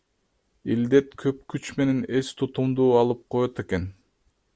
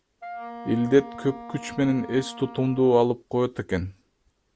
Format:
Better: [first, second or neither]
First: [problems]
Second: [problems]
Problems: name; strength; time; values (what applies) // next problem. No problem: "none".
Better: first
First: none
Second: background sound (Wind instrument, woodwind instrument); 16 dB below the speech